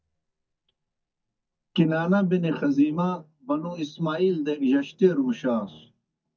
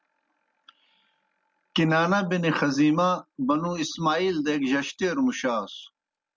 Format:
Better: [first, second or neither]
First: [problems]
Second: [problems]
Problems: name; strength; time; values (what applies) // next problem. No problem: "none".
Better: second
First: noise reduction (neural mask model DeepFilterNet 3)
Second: none